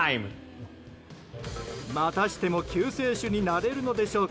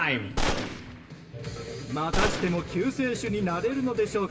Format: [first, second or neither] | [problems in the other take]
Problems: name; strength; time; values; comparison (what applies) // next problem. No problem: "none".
first | background sound (Gunshot, gunfire); 3 dB below the speech // room echo; dies away in 2.8 s